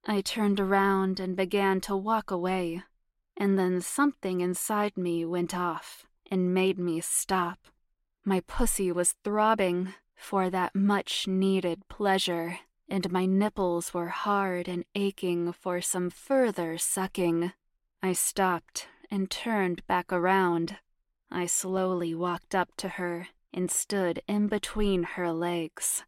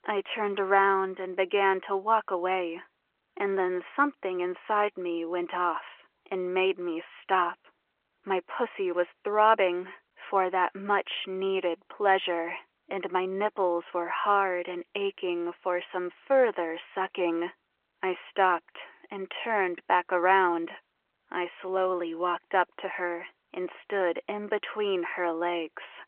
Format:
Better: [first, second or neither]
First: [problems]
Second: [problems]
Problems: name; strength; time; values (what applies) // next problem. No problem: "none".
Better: first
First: none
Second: phone-call audio